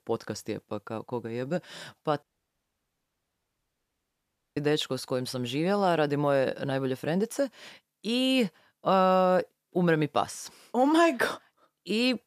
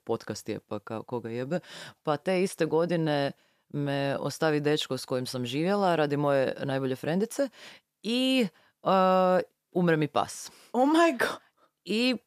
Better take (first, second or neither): second